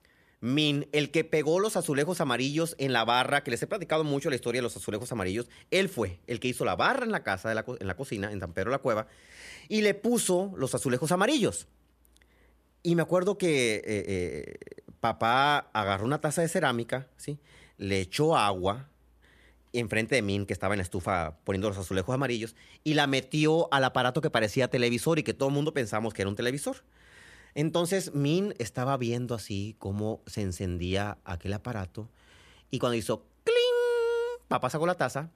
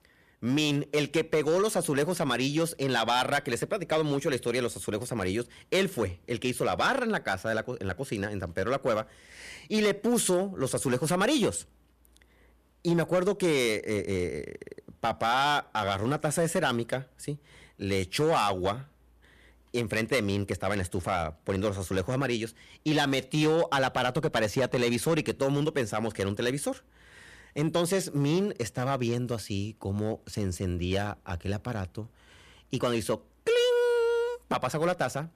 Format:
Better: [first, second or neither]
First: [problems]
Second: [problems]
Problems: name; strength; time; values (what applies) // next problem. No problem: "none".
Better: first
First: none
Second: distortion; slight; 4% of the sound clipped